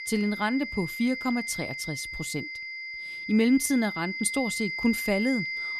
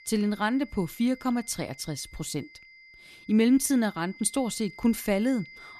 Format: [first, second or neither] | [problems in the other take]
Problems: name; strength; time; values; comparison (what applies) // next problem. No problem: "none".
second | high-pitched whine; loud; throughout; 2 kHz, 5 dB below the speech; faint in the second